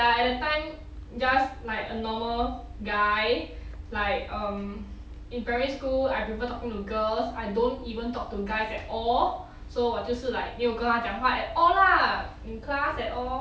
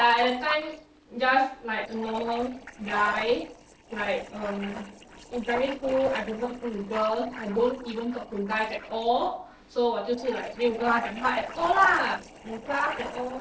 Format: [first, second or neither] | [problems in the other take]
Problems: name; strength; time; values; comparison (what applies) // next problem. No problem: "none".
first | noise reduction (neural separator model SepFormer DNS4)